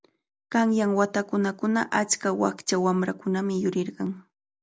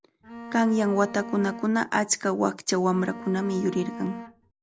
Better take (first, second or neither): first